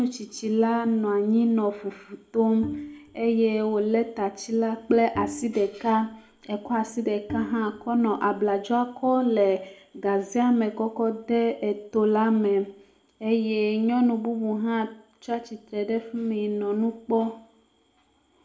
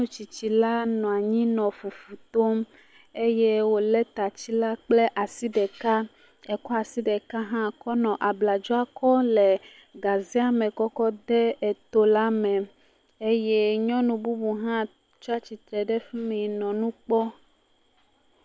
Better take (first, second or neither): second